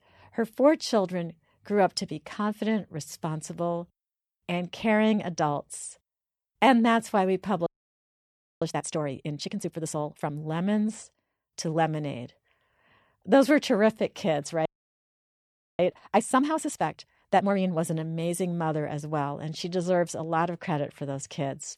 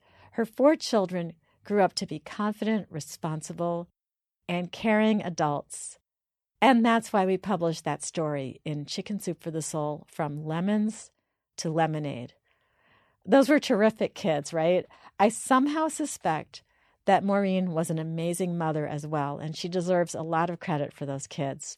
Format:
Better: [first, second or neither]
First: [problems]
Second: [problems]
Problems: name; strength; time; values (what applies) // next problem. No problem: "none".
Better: second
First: audio freezing; at 7.5 s for 1 s and at 15 s for 1 s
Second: none